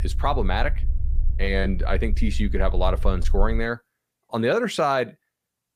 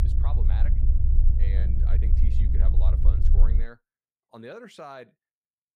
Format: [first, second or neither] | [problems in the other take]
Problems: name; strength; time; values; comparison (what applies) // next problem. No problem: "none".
first | low rumble; loud; until 3.5 s; as loud as the speech; faint in the first